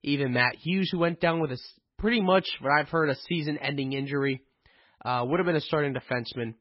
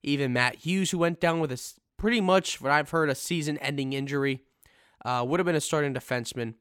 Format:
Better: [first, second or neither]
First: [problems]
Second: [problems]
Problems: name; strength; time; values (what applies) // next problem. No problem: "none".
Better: second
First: garbled, watery; badly; nothing above 5.5 kHz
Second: none